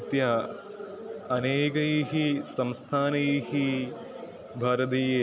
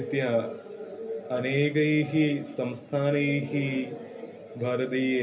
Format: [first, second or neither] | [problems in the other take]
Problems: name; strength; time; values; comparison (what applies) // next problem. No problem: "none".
first | room echo; dies away in 0.3 s